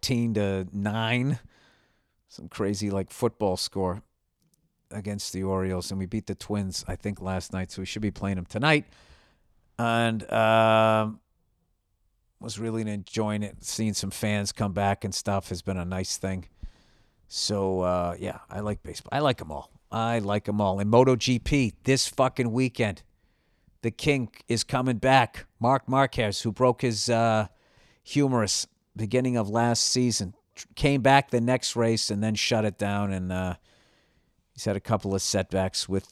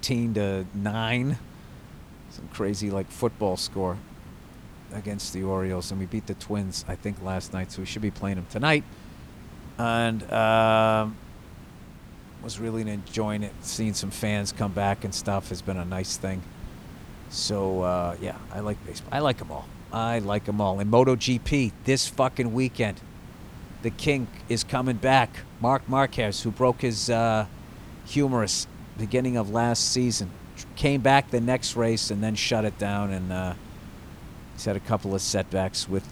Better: first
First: none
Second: hiss; noticeable; throughout; 20 dB below the speech

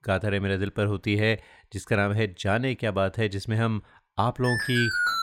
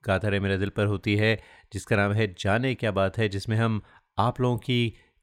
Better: second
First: alarm; loud; at 4.5 s; peak 2 dB above the speech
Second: none

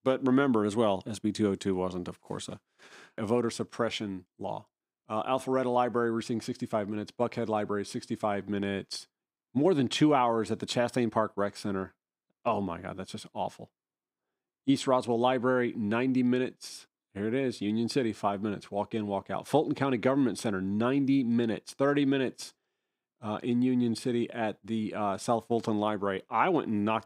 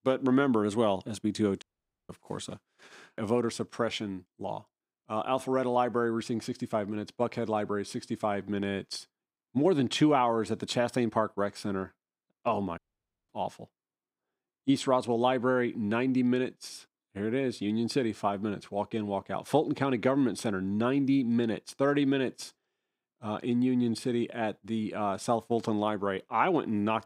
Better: first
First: none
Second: audio cutting out; at 1.5 s and at 13 s for 0.5 s

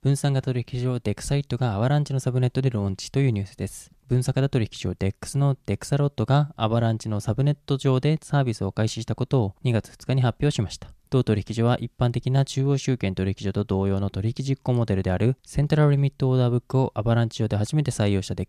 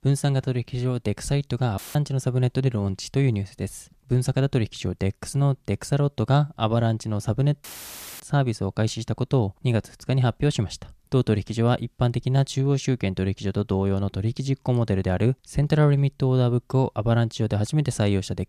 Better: first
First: none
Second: audio cutting out; filled with static; at 2 s and at 7.5 s for 0.5 s

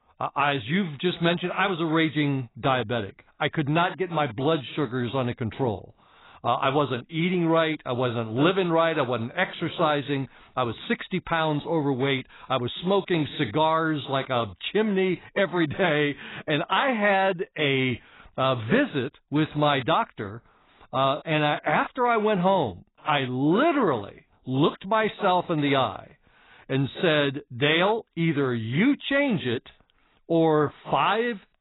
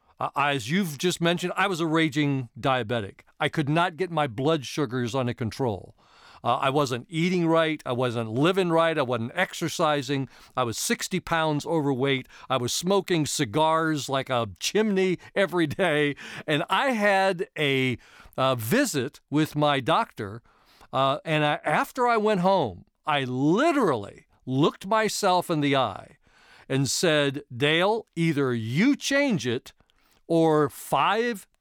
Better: second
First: garbled, watery; badly; nothing above 4 kHz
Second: none

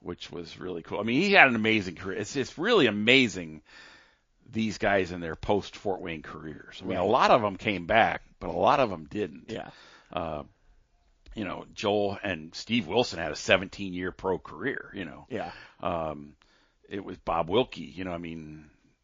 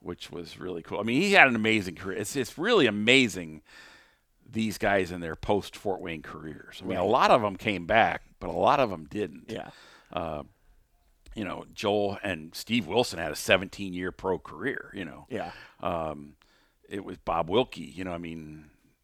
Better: second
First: garbled, watery; slightly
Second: none

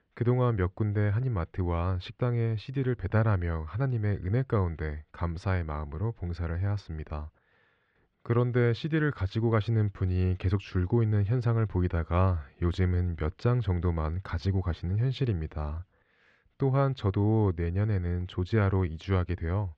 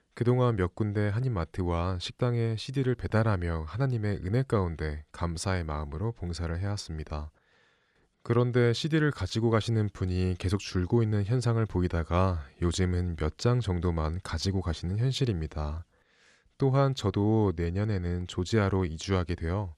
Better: second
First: muffled; slightly; fading above 2.5 kHz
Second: none

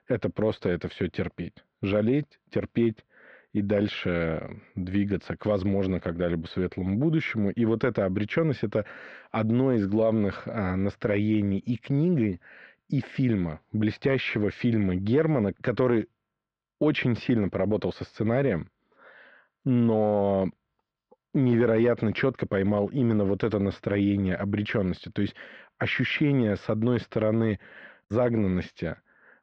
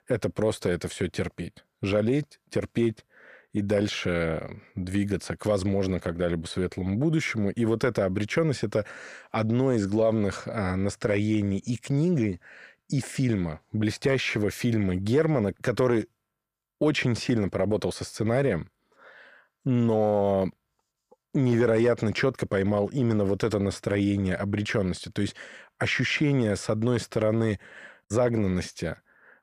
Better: second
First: muffled; slightly; fading above 3.5 kHz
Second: none

